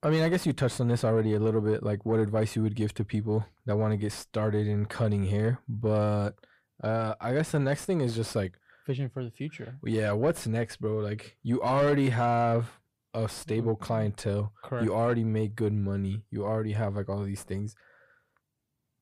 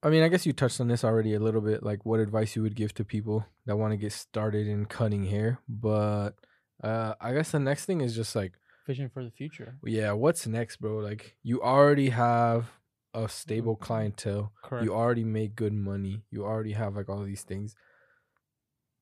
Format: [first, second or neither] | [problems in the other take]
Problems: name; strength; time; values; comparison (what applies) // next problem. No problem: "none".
second | distortion; slight; 10 dB below the speech